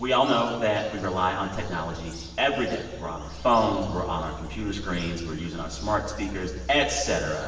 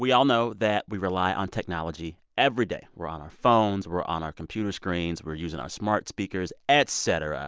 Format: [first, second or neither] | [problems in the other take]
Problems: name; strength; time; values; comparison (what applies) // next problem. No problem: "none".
second | background sound (Bird vocalization, bird call, bird song); 14 dB below the speech // room echo; dies away in 1.3 s